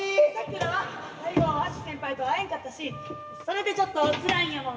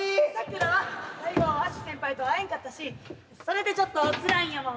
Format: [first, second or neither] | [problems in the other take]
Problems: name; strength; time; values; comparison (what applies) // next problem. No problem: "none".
second | background sound (Wind instrument, woodwind instrument); 18 dB below the speech // room echo; dies away in 2.9 s